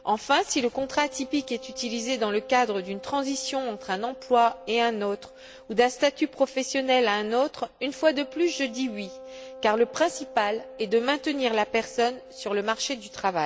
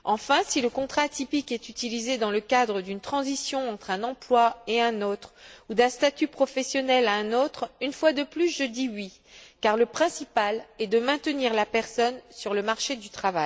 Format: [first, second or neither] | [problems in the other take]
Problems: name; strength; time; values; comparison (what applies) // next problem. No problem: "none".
second | background sound (Wind instrument, woodwind instrument); 18 dB below the speech